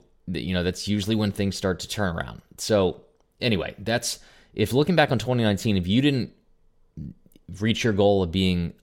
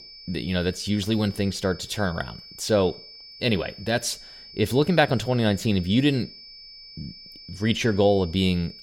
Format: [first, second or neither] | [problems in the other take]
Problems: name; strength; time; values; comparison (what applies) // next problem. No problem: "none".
first | high-pitched whine; noticeable; throughout; 5 kHz, 20 dB below the speech